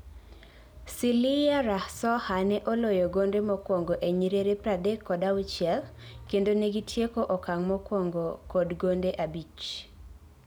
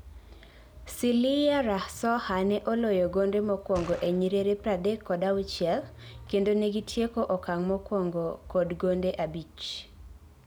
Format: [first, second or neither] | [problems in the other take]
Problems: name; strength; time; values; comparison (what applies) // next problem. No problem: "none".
first | background sound (Gunshot, gunfire); 15 dB below the speech